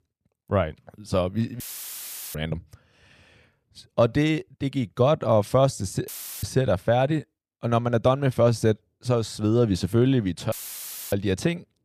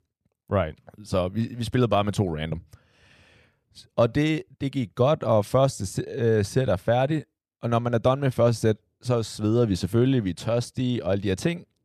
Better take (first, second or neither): second